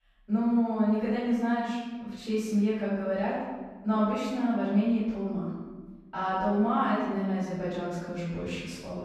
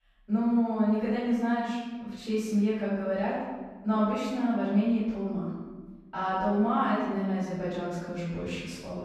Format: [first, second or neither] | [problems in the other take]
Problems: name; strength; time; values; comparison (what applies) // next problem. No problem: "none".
neither | off-mic speech; far; the same in both // room echo; strong; dies away in 1.2 s; the same in both